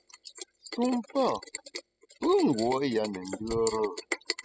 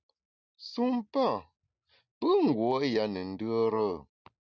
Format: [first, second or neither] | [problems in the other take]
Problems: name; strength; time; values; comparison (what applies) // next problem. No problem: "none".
second | noise reduction (classical method spectral subtraction)